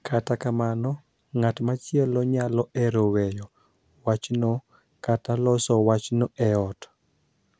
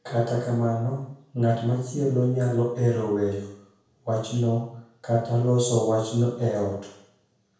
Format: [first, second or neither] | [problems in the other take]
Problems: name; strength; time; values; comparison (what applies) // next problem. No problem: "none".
first | room echo; dies away in 0.6 s